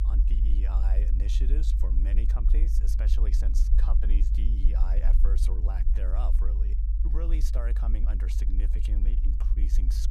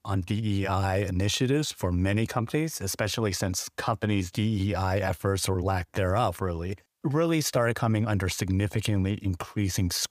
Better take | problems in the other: second | low rumble; loud; throughout; 4 dB below the speech

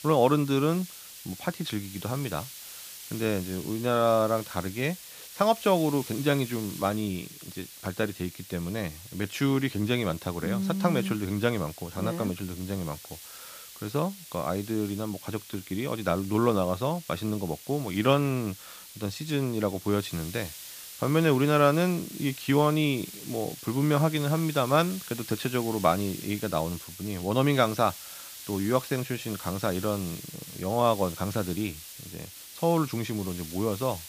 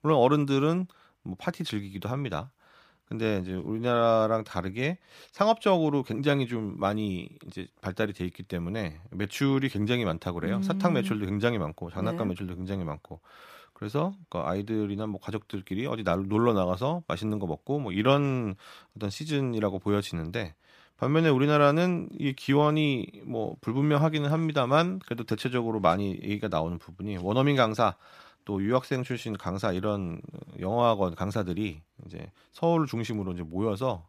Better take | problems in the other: second | hiss; noticeable; throughout; 15 dB below the speech

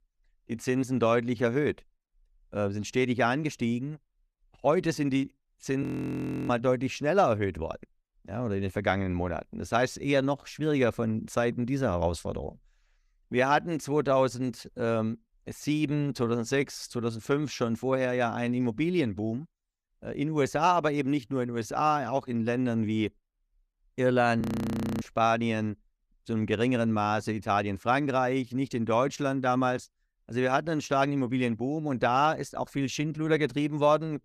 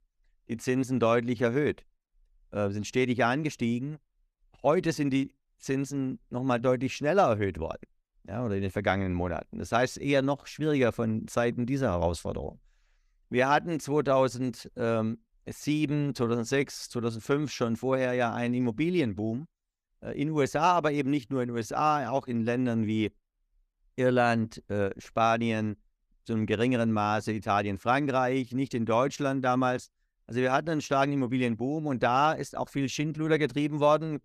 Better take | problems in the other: second | audio freezing; at 6 s for 0.5 s and at 24 s for 0.5 s

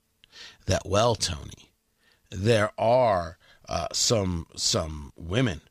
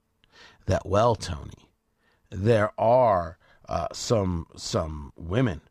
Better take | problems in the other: first | muffled; slightly; fading above 2 kHz

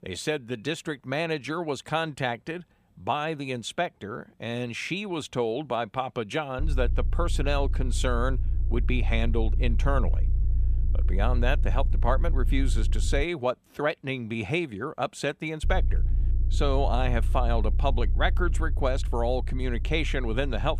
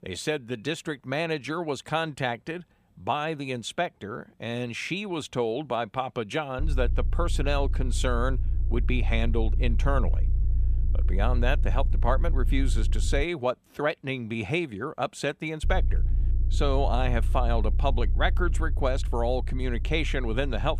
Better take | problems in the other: neither | low rumble; noticeable; from 6.5 to 13 s and from 16 s on; 20 dB below the speech; the same in both

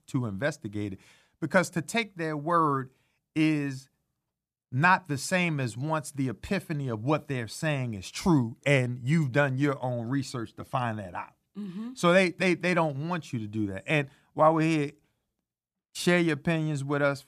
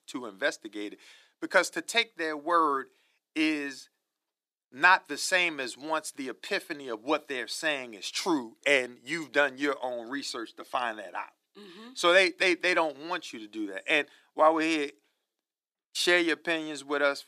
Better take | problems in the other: first | thin; somewhat; fading below 350 Hz

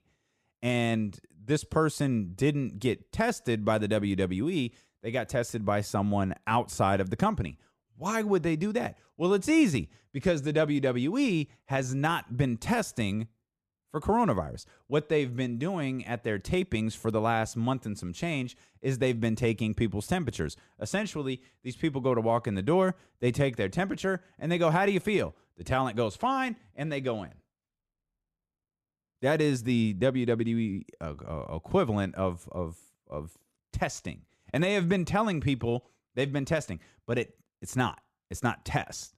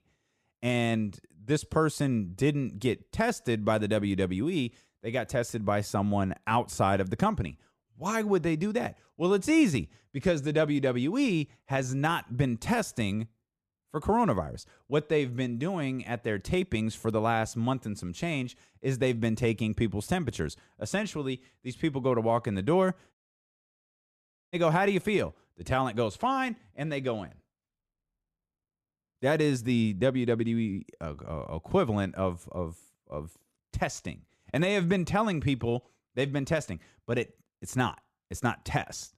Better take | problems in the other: first | audio cutting out; at 23 s for 1.5 s

